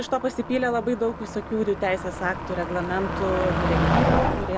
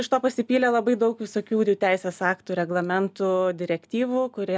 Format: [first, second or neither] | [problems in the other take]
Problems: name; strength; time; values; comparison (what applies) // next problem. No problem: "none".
second | background sound (Motor vehicle (road)); as loud as the speech